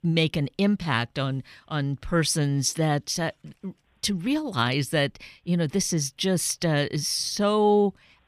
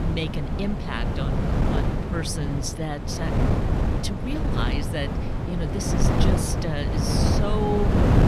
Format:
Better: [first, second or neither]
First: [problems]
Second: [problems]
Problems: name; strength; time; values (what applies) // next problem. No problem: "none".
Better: first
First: none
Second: wind noise on the microphone; heavy; 1 dB above the speech